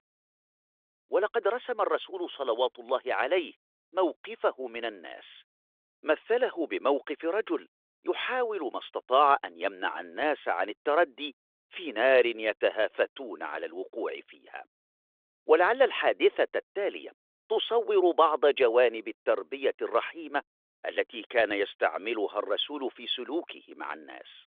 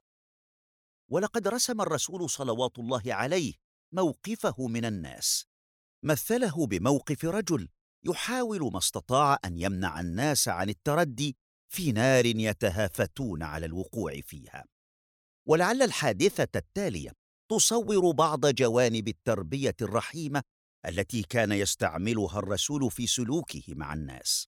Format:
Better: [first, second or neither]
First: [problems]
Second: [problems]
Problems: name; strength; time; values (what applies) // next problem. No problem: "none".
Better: second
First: phone-call audio; nothing above 3.5 kHz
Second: none